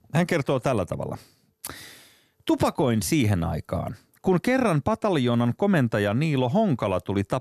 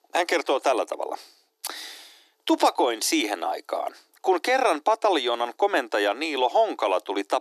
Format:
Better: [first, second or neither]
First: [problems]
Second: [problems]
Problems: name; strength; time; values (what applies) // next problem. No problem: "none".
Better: first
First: none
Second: thin; very; fading below 300 Hz